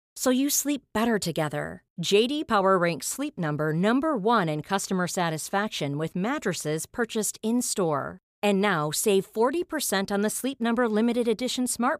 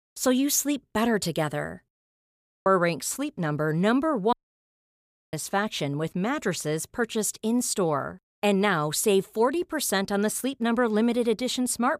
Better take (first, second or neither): first